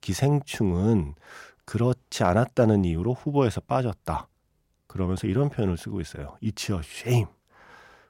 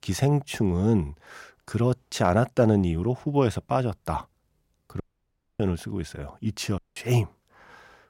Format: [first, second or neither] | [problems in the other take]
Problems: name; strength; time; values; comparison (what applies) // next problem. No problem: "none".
first | audio cutting out; at 5 s for 0.5 s and at 7 s